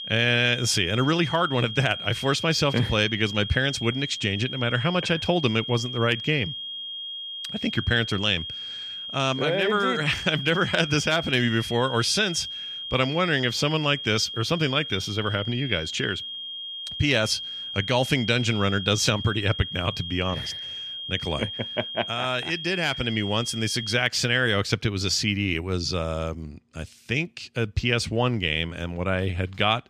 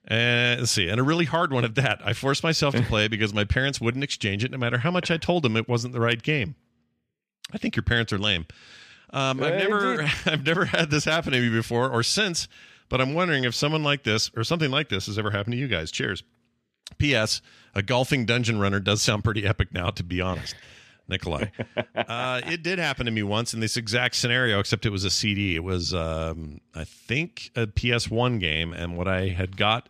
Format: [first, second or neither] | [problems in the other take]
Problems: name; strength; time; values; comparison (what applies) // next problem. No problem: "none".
second | high-pitched whine; loud; until 24 s; 3 kHz, 8 dB below the speech